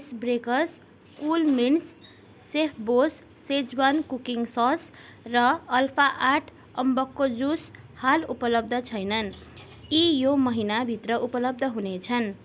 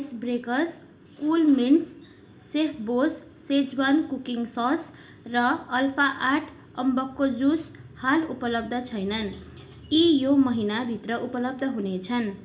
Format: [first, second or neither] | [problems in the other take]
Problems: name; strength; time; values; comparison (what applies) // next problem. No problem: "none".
first | room echo; dies away in 0.4 s